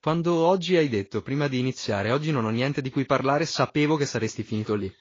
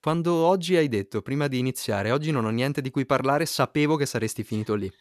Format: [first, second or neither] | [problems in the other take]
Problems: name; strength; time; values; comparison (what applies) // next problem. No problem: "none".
second | garbled, watery; slightly; nothing above 6.5 kHz